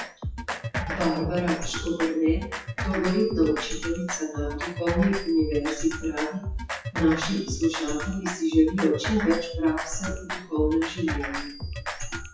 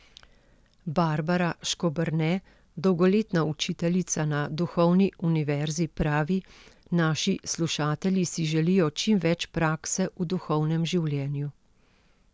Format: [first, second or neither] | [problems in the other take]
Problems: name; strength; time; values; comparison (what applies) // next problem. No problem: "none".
second | noise reduction (classical method WPE with log-MMSE)